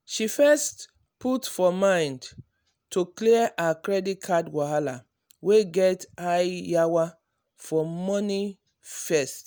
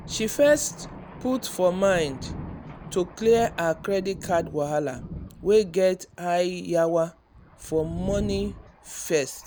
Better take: first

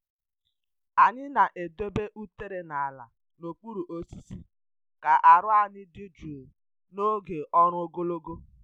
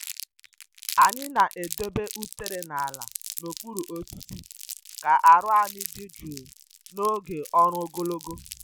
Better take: first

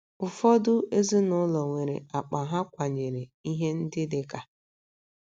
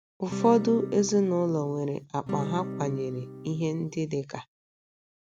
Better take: first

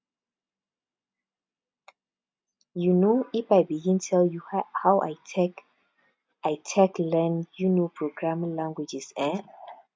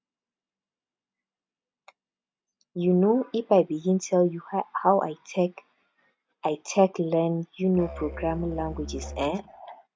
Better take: first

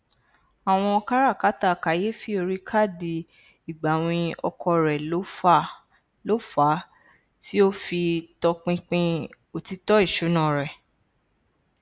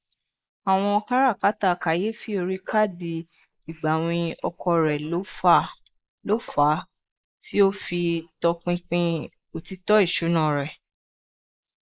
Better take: first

